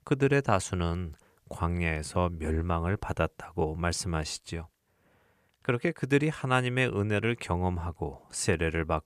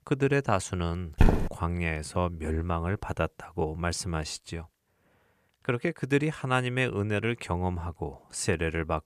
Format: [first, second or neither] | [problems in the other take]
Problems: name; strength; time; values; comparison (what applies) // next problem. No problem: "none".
first | footsteps; loud; at 1 s; peak 5 dB above the speech